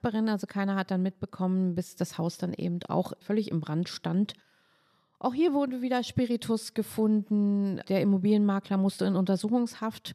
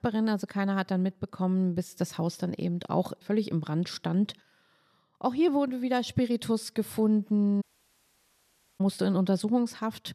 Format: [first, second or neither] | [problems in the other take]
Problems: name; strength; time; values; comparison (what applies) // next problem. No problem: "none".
first | audio cutting out; at 7.5 s for 1 s